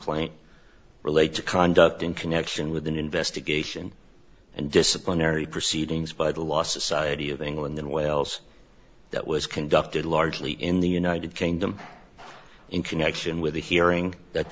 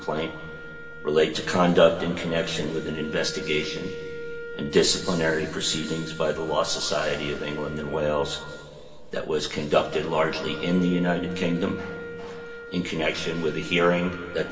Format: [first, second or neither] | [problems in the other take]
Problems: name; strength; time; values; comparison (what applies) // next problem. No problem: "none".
first | background sound (Wind instrument, woodwind instrument); 14 dB below the speech // room echo; dies away in 2.3 s